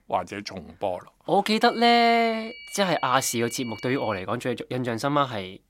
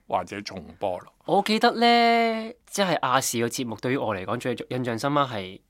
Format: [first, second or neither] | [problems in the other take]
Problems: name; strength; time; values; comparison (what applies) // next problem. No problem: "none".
second | high-pitched whine; noticeable; from 1.5 to 4 s; 2.5 kHz, 15 dB below the speech